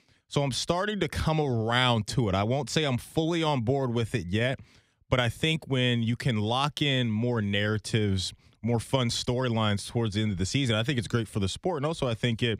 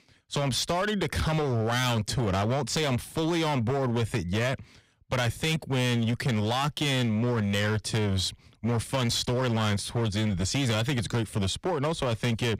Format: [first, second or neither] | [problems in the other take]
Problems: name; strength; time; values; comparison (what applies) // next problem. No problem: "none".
first | distortion; heavy; 20% of the sound clipped